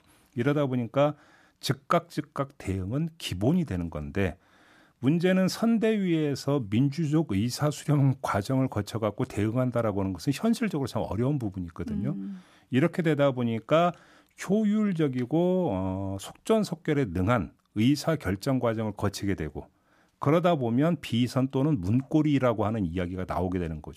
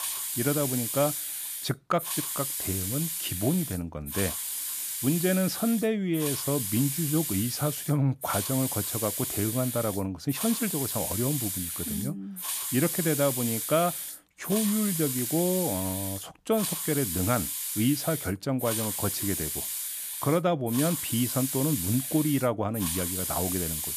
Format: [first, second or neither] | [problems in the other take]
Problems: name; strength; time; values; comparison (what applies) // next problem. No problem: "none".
first | hiss; loud; throughout; 2 dB below the speech